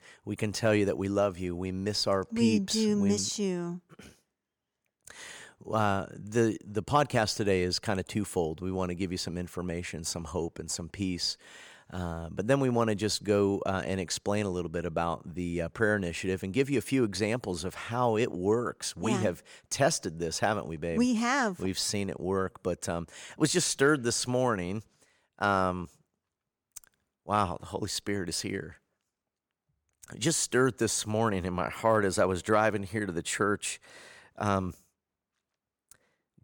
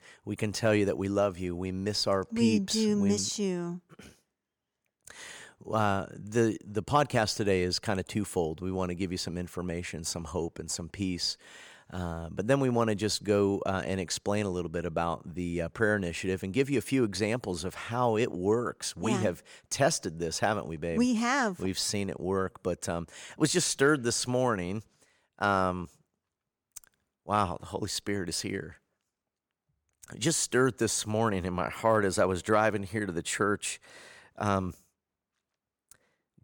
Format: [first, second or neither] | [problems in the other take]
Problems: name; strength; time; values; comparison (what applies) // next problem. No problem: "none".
neither | none